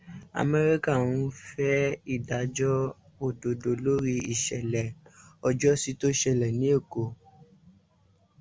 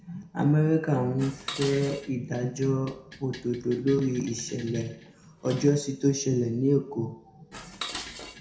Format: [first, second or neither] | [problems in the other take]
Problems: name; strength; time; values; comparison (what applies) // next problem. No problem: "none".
first | background sound (Dishes, pots, and pans); 16 dB below the speech // room echo; dies away in 0.6 s